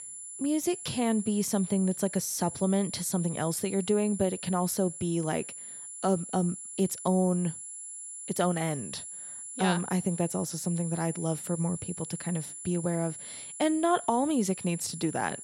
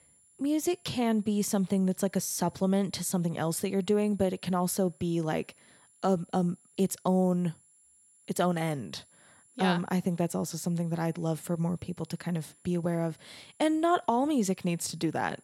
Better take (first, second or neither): second